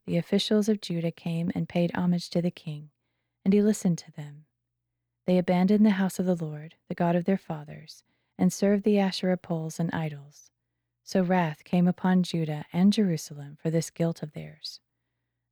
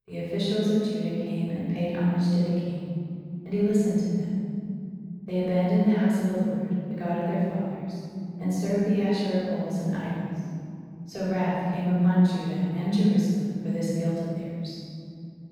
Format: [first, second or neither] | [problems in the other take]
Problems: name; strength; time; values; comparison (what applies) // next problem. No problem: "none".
first | room echo; strong; dies away in 2.9 s // off-mic speech; far